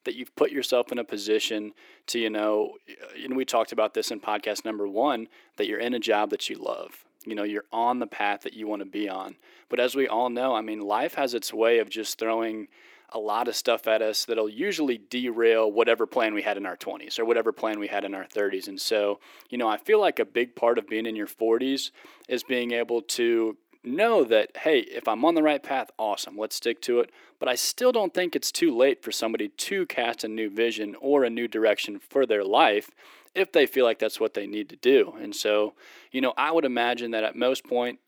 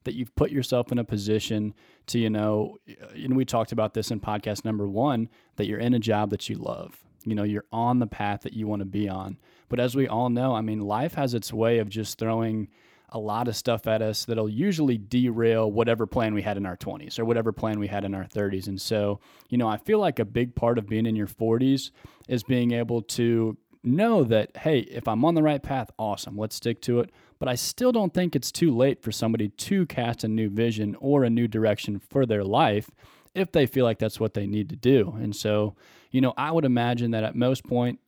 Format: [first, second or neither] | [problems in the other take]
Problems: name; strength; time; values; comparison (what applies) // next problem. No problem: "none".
second | thin; somewhat; fading below 350 Hz